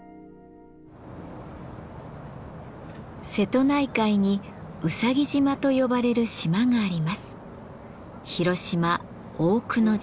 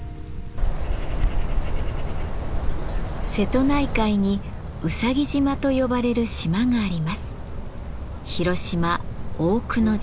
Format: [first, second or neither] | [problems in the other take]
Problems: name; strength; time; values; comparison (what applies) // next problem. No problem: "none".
first | background sound (Bird vocalization, bird call, bird song + Cricket); 1 dB below the speech